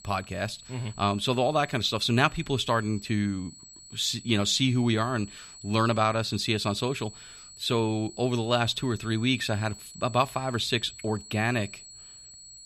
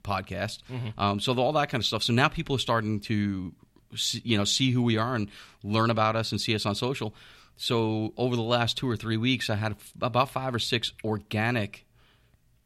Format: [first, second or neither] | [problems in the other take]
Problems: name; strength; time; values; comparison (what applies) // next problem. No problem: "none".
second | high-pitched whine; noticeable; throughout; 8 kHz, 20 dB below the speech